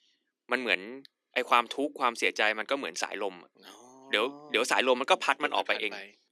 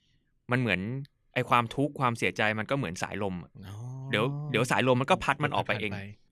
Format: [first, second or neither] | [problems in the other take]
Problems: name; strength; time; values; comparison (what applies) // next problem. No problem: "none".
second | thin; somewhat; fading below 300 Hz